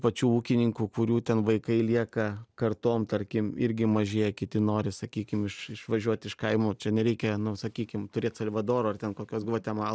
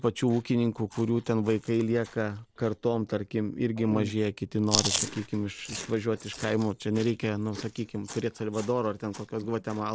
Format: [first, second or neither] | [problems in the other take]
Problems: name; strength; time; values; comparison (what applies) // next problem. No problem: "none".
first | background sound (Chewing, mastication); 10 dB below the speech